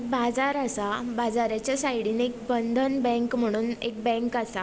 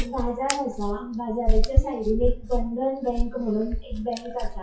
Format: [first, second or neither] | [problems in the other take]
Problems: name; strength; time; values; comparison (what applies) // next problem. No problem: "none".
first | noise reduction (classical method WPE with log-MMSE)